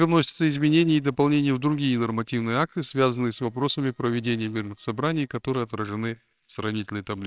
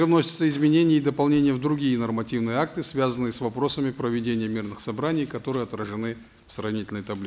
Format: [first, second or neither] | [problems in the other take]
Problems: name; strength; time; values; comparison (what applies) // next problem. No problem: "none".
second | noise reduction (neural separator model SepFormer WHAMR!)